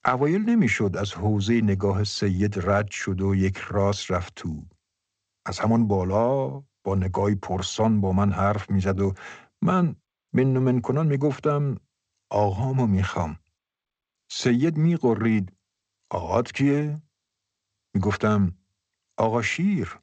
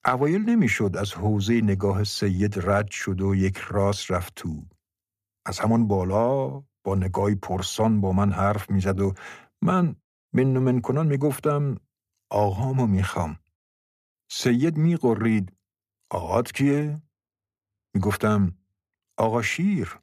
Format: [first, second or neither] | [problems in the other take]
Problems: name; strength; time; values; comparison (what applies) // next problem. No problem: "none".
second | garbled, watery; slightly; nothing above 7.5 kHz